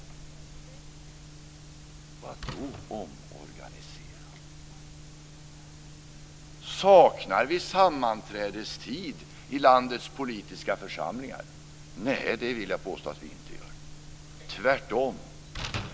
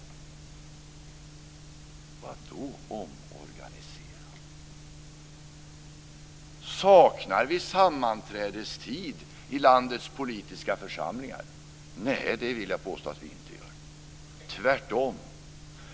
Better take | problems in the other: second | background sound (Slam); 18 dB below the speech

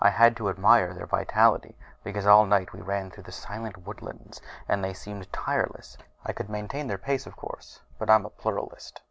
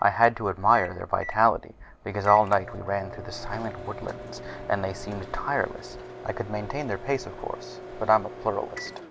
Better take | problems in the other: first | background sound (Microwave oven); 14 dB below the speech

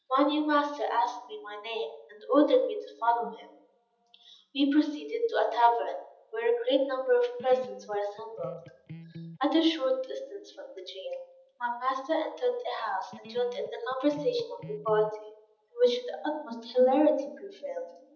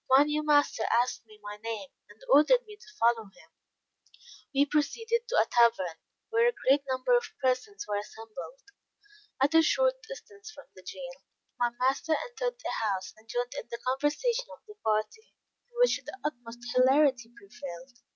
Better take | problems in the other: second | background sound (Electric guitar); 18 dB below the speech // room echo; dies away in 1.2 s

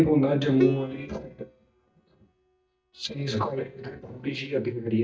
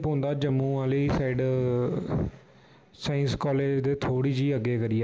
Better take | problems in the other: second | noise reduction (neural mask model DeepFilterNet 3)

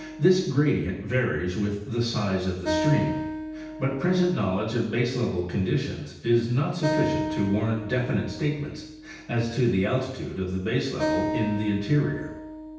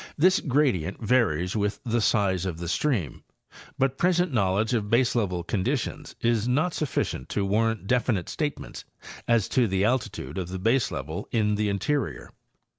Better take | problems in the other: second | background sound (Acoustic guitar); 8 dB below the speech // room echo; dies away in 0.9 s

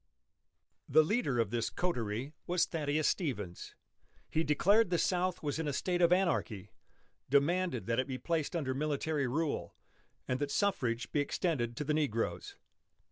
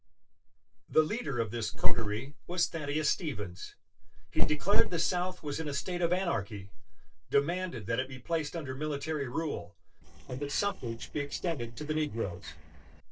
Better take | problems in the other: first | noise reduction (neural separator model SepFormer DNS4)

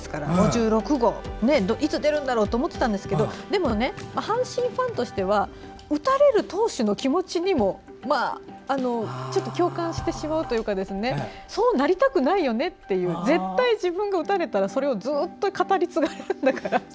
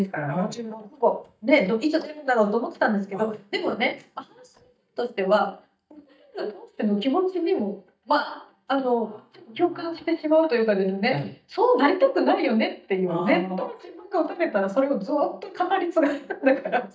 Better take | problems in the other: first | noise reduction (neural mask model DeepFilterNet 3)

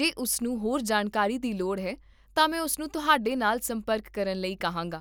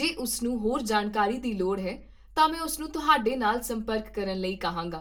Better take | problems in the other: first | room echo; dies away in 0.2 s

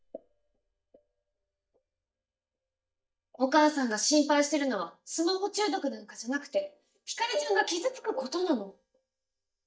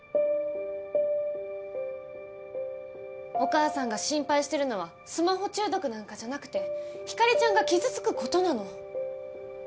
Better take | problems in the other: second | noise reduction (neural mask model DeepFilterNet 3)

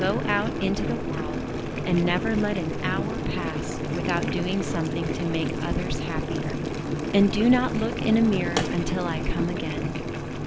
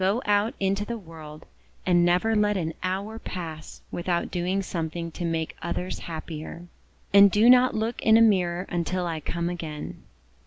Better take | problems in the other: second | background sound (Boiling); 1 dB below the speech

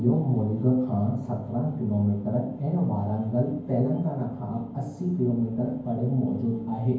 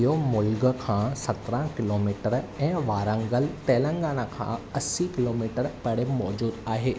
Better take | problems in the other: second | room echo; dies away in 0.9 s

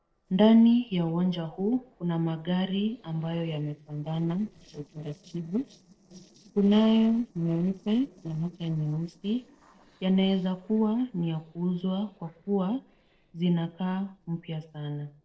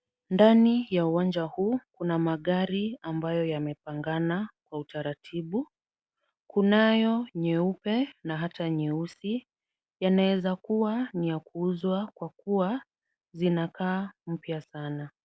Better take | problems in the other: second | noise reduction (neural separator model SepFormer DNS4)

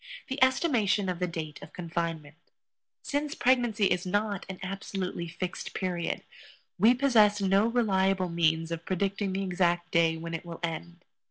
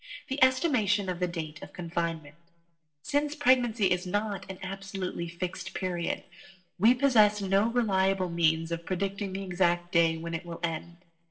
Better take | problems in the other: first | room echo; dies away in 0.4 s

